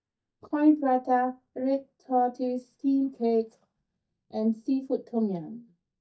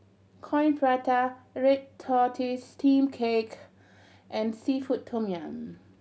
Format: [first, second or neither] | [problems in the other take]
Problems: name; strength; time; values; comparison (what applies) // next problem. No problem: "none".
second | noise reduction (neural mask model DeepFilterNet 3)